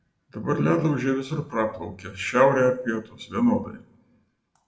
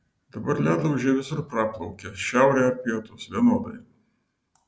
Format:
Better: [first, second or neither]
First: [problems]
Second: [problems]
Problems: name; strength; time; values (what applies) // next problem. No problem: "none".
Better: second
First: room echo; dies away in 0.5 s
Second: none